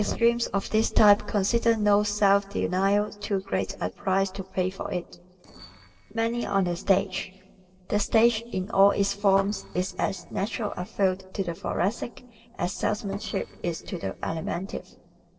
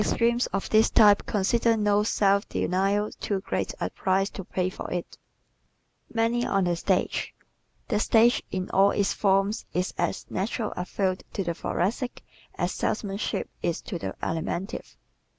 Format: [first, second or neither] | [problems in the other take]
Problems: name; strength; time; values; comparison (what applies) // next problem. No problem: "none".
second | noise reduction (neural separator model SepFormer DNS4)